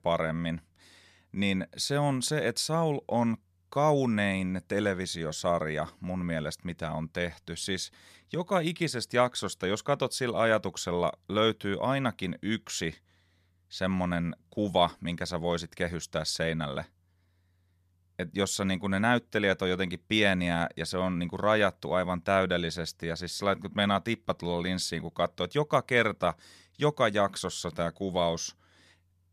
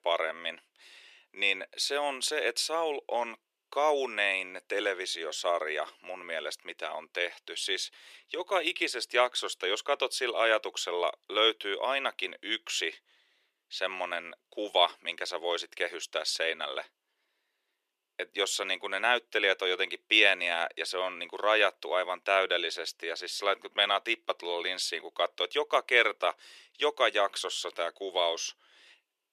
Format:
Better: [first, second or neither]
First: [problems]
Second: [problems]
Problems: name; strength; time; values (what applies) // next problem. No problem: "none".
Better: first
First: none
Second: thin; very; fading below 350 Hz